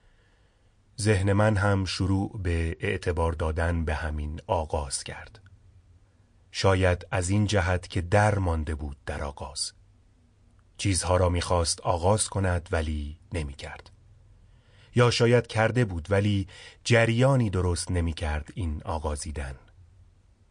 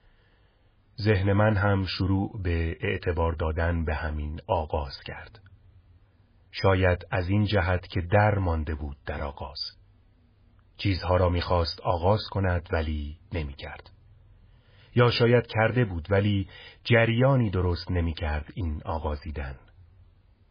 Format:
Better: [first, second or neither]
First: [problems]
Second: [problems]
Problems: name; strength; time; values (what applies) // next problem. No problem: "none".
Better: first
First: garbled, watery; slightly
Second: garbled, watery; badly; nothing above 5 kHz